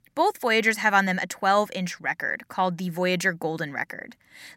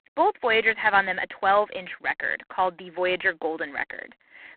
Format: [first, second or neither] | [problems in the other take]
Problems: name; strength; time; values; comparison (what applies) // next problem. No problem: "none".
first | phone-call audio; poor line; nothing above 4 kHz